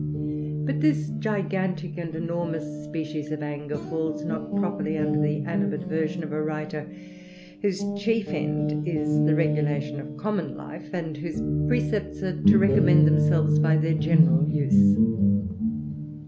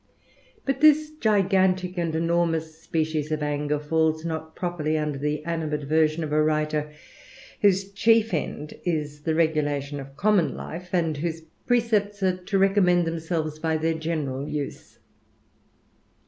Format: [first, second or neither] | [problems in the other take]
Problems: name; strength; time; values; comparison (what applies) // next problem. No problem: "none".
second | background sound (Guitar); 5 dB above the speech